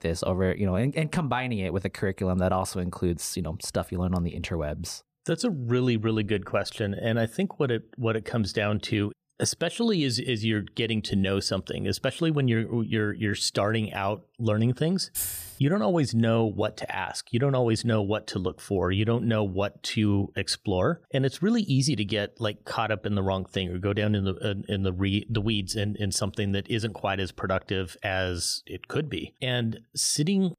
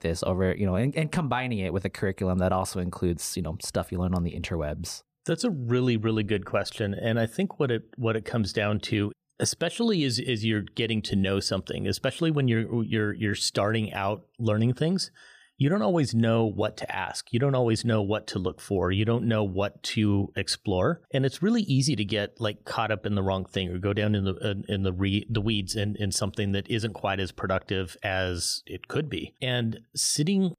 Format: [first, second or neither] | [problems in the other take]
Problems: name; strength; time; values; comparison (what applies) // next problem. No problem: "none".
second | jangling keys; noticeable; at 15 s; peak 2 dB below the speech